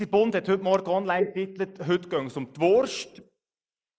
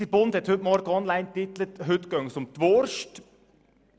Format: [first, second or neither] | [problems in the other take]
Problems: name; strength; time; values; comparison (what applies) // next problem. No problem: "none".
second | noise reduction (neural mask model Resemble Enhance denoiser)